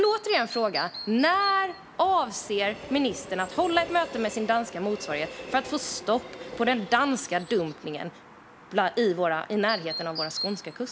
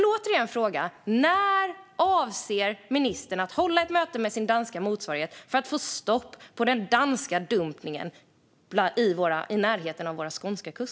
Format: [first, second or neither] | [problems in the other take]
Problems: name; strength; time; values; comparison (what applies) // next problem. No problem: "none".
second | background sound (Train + Chirp, tweet); 13 dB below the speech